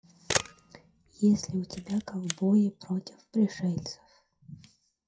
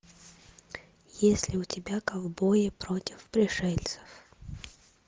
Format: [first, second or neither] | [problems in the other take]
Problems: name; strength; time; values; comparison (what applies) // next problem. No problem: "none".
second | noise reduction (classical method WPE with log-MMSE)